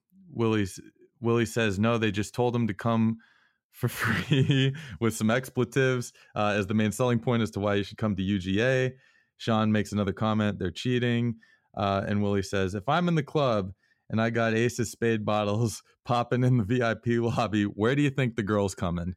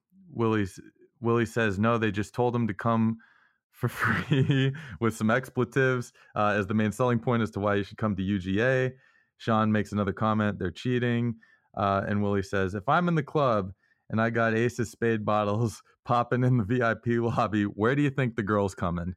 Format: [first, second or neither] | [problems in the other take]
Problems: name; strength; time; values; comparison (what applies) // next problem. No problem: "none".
first | muffled; very slightly; fading above 2 kHz